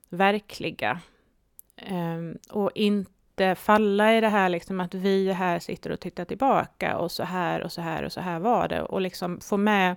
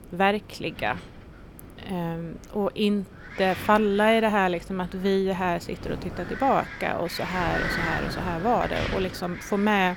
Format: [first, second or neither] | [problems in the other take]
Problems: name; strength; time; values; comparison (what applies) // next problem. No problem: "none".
first | wind noise on the microphone; heavy; 7 dB below the speech